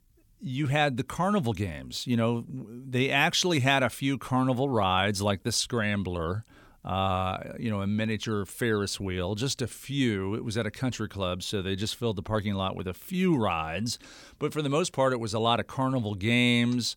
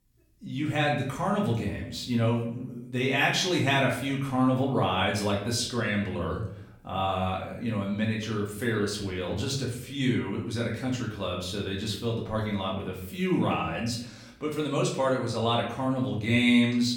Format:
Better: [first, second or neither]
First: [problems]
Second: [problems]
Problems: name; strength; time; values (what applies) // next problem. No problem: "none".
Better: first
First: none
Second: room echo; slight; dies away in 0.6 s // off-mic speech; far